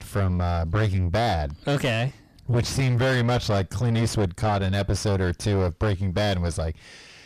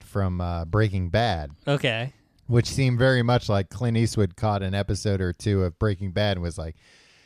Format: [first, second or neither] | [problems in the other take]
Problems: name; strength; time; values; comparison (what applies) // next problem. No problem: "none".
second | distortion; heavy; 5 dB below the speech